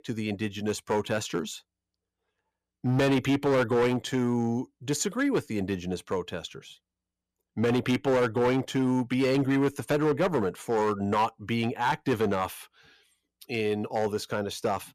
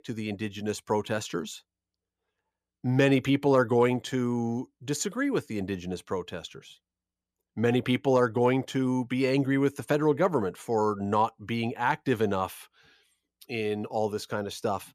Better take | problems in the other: second | distortion; slight; 7% of the sound clipped

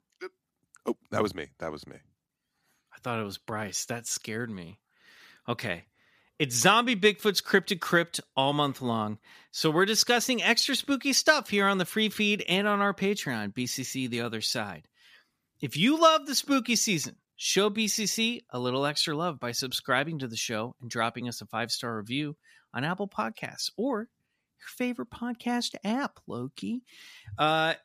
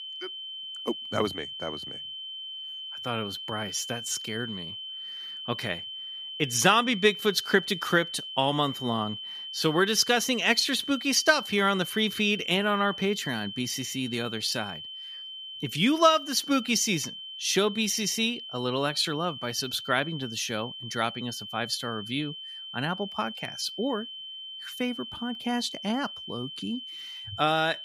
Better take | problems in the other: first | high-pitched whine; loud; throughout; 3 kHz, 9 dB below the speech

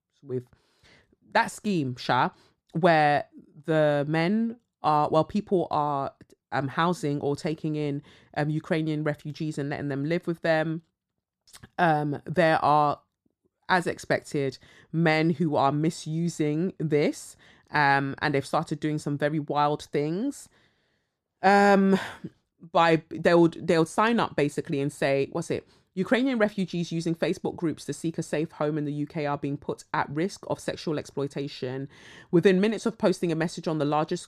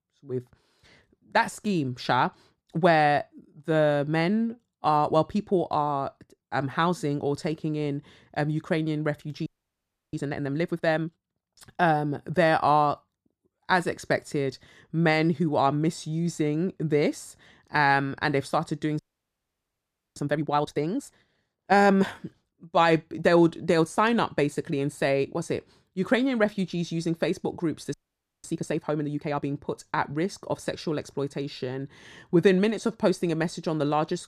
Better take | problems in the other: first | audio freezing; at 9.5 s for 0.5 s, at 19 s for 1 s and at 28 s for 0.5 s

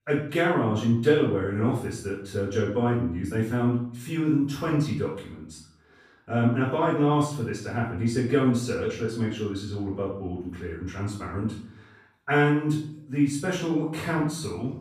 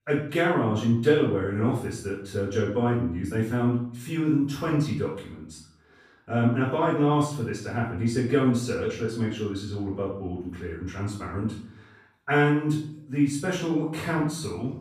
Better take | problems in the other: neither | off-mic speech; far; the same in both // room echo; noticeable; dies away in 0.5 s; the same in both

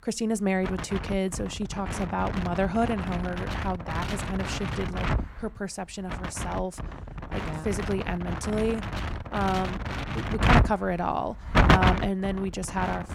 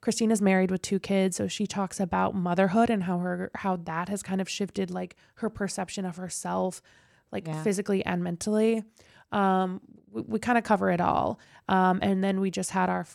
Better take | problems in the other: second | wind noise on the microphone; heavy; as loud as the speech

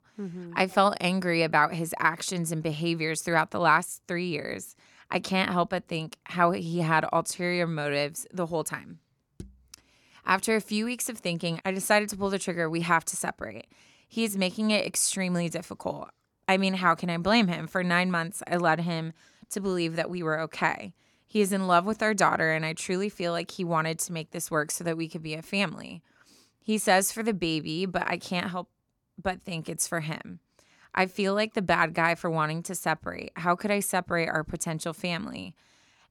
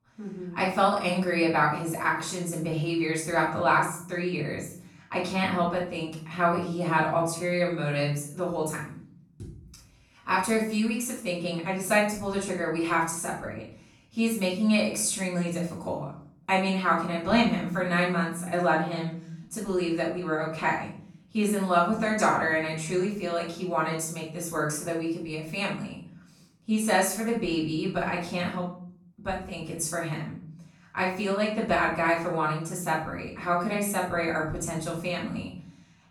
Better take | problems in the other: first | off-mic speech; far // room echo; noticeable; dies away in 0.6 s

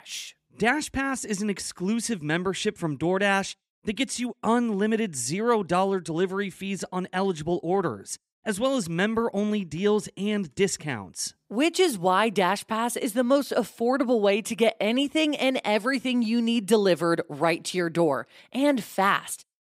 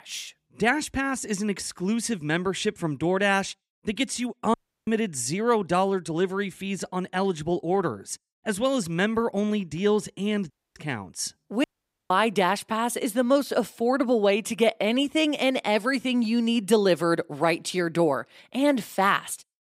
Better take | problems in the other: first | audio cutting out; at 4.5 s, at 11 s and at 12 s

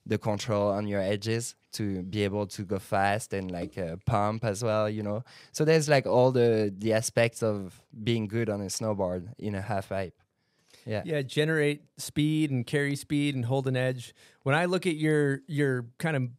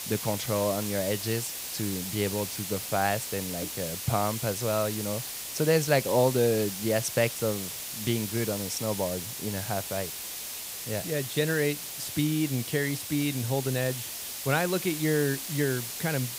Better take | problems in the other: first | hiss; loud; throughout; 5 dB below the speech

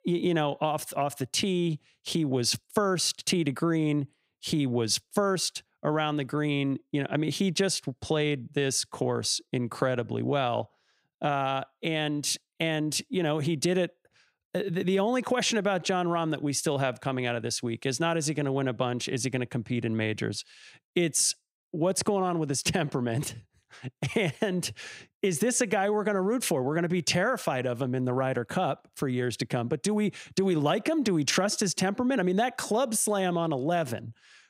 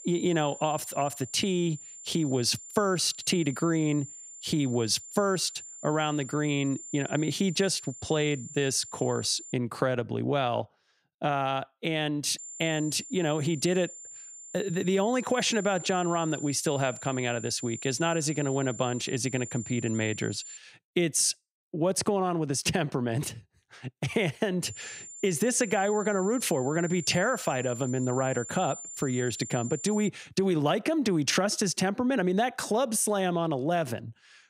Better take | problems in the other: first | high-pitched whine; noticeable; until 9.5 s, from 12 to 21 s and from 25 to 30 s; 7 kHz, 10 dB below the speech

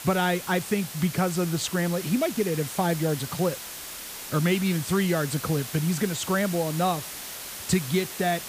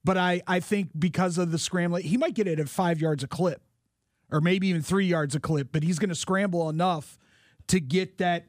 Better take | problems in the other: second | hiss; loud; throughout; 9 dB below the speech

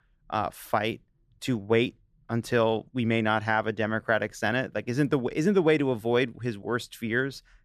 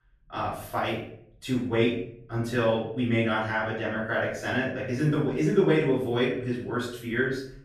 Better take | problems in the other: first | off-mic speech; far // room echo; noticeable; dies away in 0.5 s

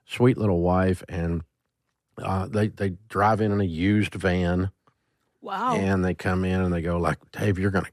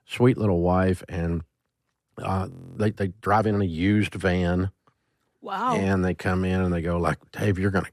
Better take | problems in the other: first | audio freezing; at 2.5 s

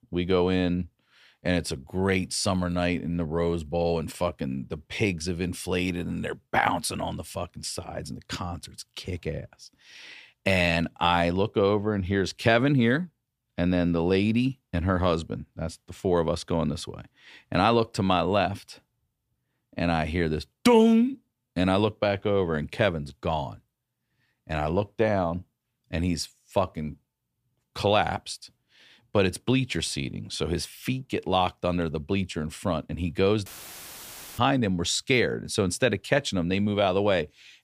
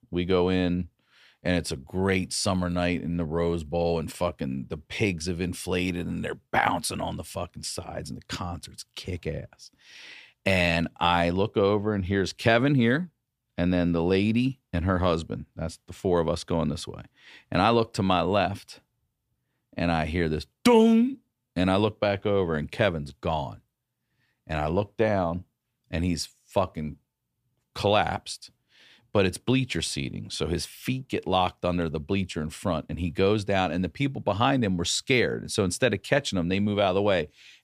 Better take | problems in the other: second | audio cutting out; filled with static; at 33 s for 1 s

